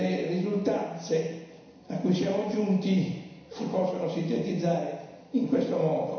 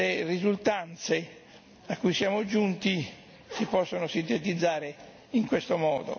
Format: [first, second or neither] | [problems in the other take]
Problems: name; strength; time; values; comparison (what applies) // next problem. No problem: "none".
second | room echo; dies away in 1 s